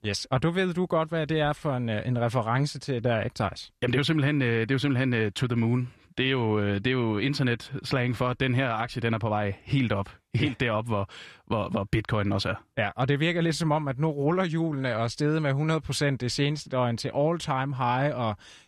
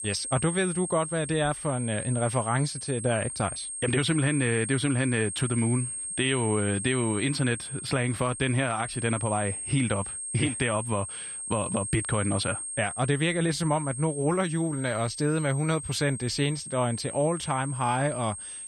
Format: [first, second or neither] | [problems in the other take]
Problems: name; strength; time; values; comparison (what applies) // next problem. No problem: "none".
first | high-pitched whine; loud; throughout; 8.5 kHz, 6 dB below the speech